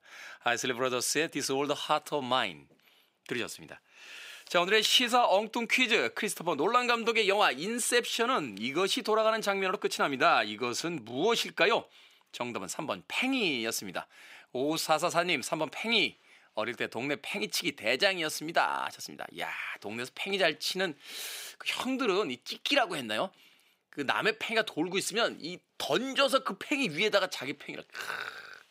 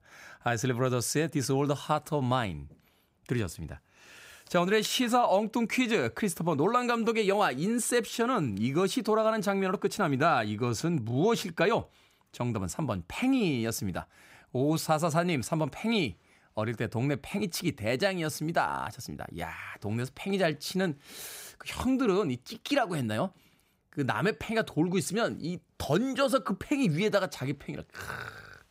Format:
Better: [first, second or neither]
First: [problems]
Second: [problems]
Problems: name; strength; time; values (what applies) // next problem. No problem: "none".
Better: second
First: thin; somewhat; fading below 300 Hz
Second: none